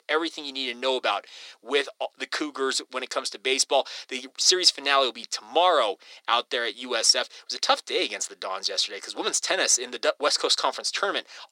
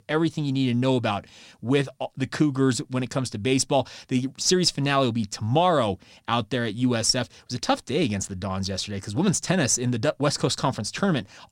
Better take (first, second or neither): second